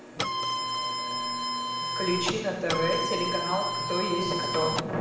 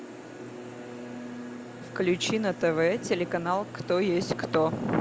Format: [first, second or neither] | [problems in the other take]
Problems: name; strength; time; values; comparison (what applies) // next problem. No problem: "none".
second | background sound (Printer); as loud as the speech // room echo; dies away in 0.9 s